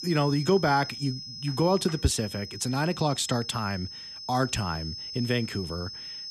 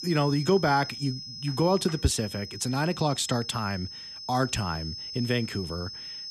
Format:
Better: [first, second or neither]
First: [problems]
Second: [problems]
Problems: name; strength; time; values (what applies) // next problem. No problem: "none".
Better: neither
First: high-pitched whine; loud; throughout; 5 kHz, 9 dB below the speech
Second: high-pitched whine; loud; throughout; 5 kHz, 9 dB below the speech